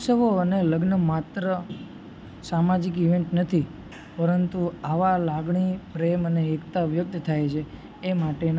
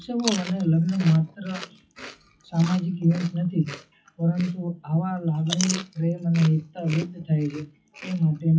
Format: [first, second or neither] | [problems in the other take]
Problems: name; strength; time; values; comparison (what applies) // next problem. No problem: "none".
first | noise reduction (classical method WPE with log-MMSE)